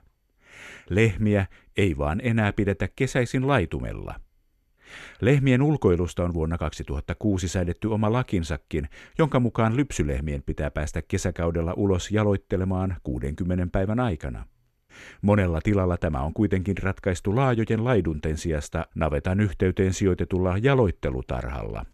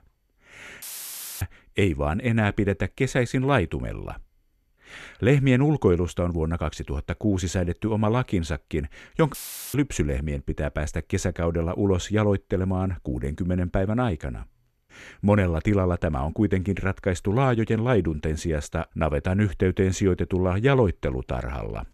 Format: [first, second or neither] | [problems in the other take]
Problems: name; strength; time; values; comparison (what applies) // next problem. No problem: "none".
first | audio cutting out; filled with static; at 1 s for 0.5 s and at 9.5 s